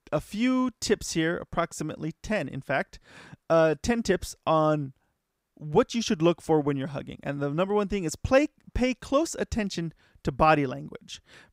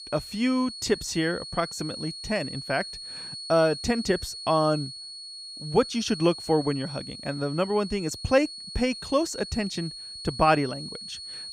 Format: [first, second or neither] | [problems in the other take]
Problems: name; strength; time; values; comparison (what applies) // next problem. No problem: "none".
first | high-pitched whine; loud; throughout; 4.5 kHz, 10 dB below the speech